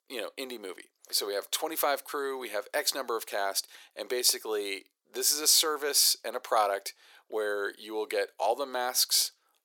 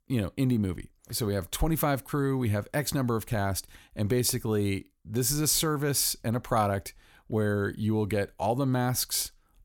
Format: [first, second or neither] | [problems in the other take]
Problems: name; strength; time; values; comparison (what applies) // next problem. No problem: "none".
second | thin; very; fading below 400 Hz